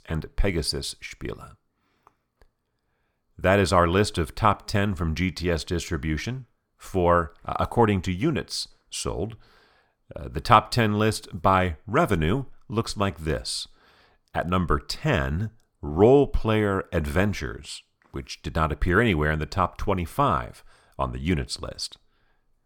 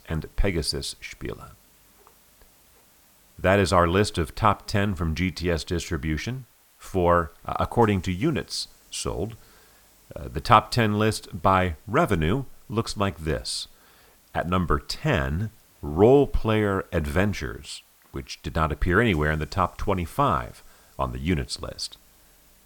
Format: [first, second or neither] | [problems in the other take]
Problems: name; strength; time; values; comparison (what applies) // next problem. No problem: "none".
first | hiss; faint; throughout; 30 dB below the speech